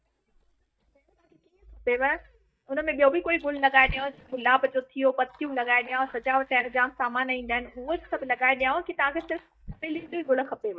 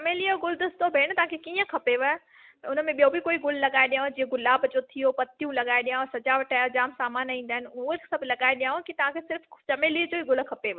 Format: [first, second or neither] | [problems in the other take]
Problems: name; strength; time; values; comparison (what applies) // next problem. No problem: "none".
second | noise reduction (neural mask model DeepFilterNet 3)